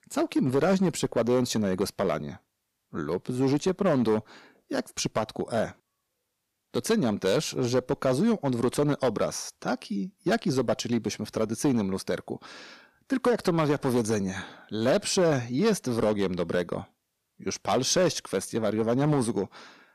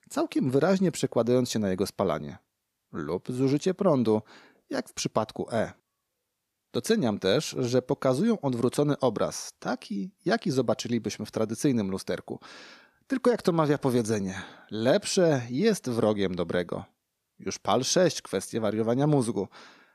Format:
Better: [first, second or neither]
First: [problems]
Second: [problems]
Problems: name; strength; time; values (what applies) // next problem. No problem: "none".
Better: second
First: distortion; slight; 5% of the sound clipped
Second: none